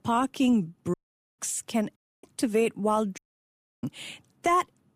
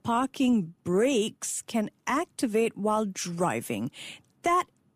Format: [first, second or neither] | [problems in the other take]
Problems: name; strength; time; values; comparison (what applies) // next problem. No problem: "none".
second | audio cutting out; at 1 s, at 2 s and at 3 s for 0.5 s